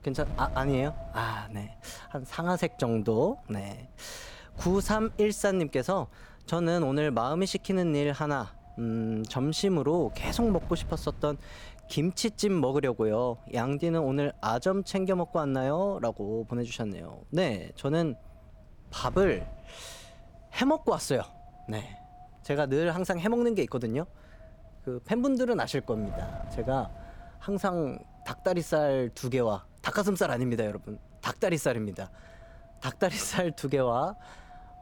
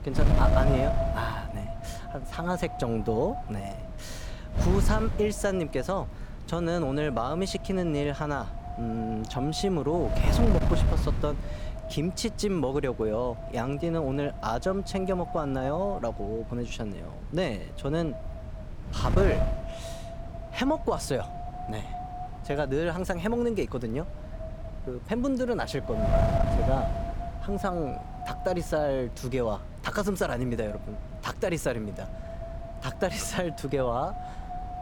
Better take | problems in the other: first | wind noise on the microphone; heavy; 5 dB below the speech; occasional gusts in the first

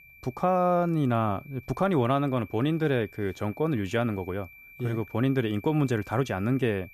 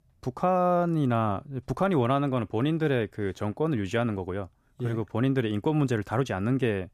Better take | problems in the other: second | high-pitched whine; faint; throughout; 2.5 kHz, 20 dB below the speech

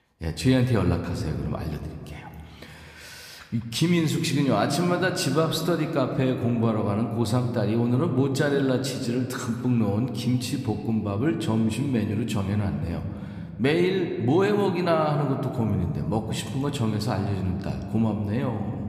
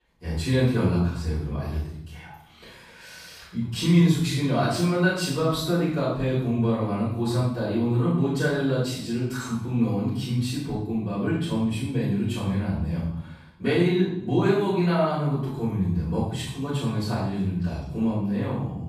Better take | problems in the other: first | room echo; strong; dies away in 0.7 s; slight in the first // off-mic speech; far

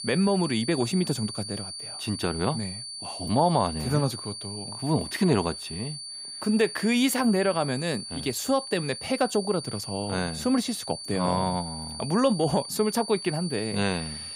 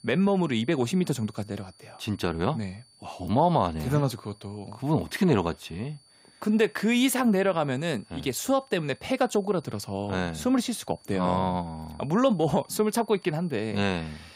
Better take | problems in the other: second | high-pitched whine; loud; throughout; 4.5 kHz, 8 dB below the speech; faint in the second

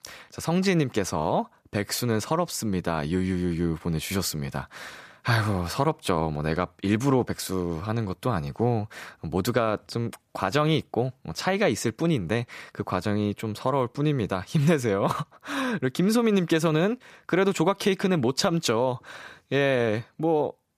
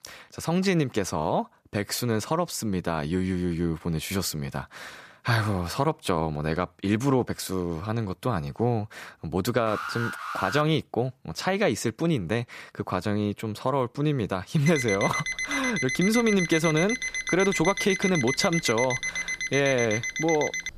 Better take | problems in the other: first | alarm; noticeable; at 9.5 s and from 15 s on; peak 1 dB below the speech

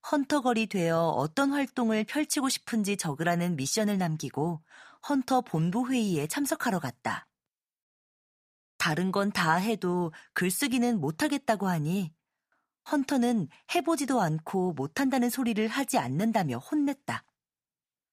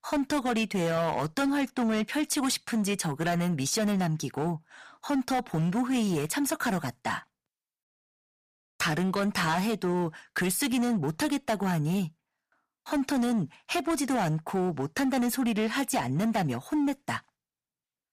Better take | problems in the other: first | distortion; slight; 13% of the sound clipped

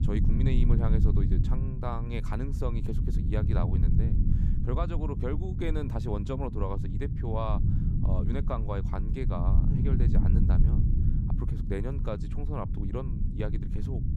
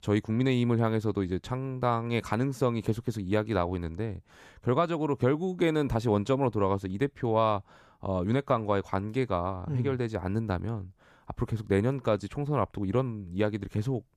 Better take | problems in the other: second | low rumble; loud; throughout; 4 dB below the speech

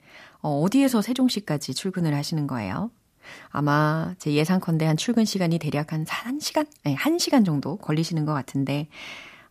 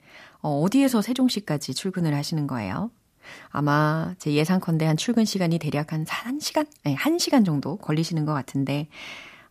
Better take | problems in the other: neither | none

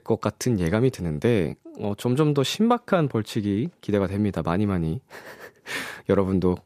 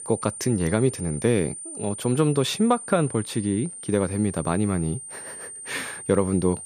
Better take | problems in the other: first | high-pitched whine; noticeable; throughout; 9 kHz, 10 dB below the speech

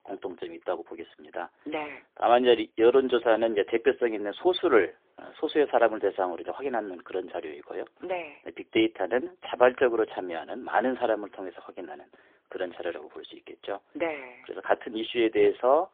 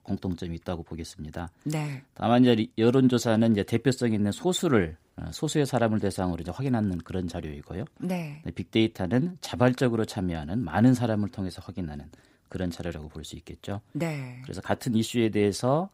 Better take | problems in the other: second | phone-call audio; poor line

